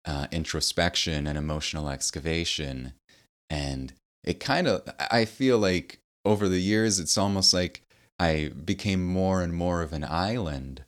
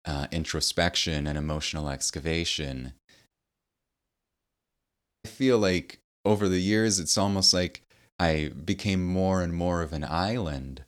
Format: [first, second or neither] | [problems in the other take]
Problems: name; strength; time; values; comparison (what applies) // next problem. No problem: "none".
first | audio cutting out; at 3.5 s for 2 s